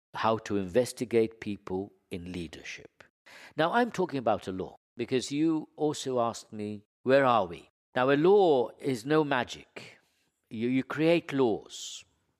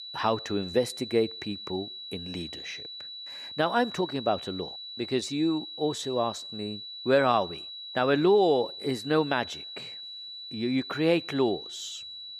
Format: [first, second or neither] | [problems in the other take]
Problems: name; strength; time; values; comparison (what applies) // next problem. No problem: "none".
first | high-pitched whine; noticeable; throughout; 4 kHz, 10 dB below the speech